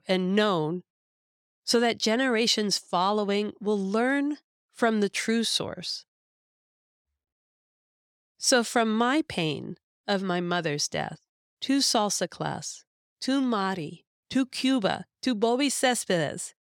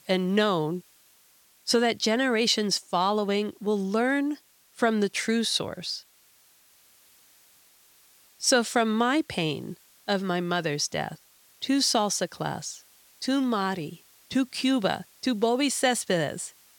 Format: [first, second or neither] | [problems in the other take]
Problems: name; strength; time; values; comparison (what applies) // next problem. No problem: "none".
first | hiss; faint; throughout; 30 dB below the speech